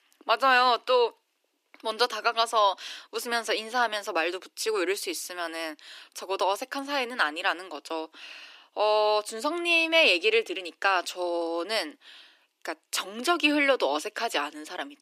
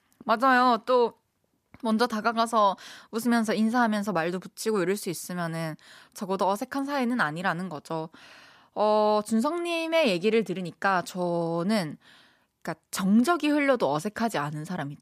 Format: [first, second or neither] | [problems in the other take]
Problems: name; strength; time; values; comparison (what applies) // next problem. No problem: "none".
second | thin; somewhat; fading below 300 Hz